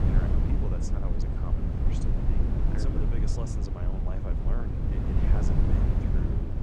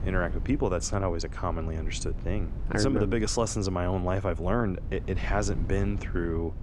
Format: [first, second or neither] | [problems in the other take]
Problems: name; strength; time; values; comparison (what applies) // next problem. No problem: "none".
second | wind noise on the microphone; heavy; 5 dB above the speech; occasional gusts in the second